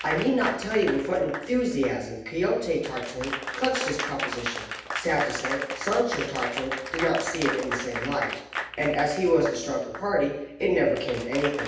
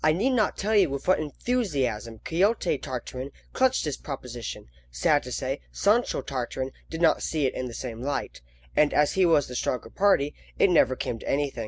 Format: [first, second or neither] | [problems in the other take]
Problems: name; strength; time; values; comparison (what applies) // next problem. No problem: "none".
second | background sound (Applause / Crowd); 8 dB below the speech // room echo; dies away in 0.9 s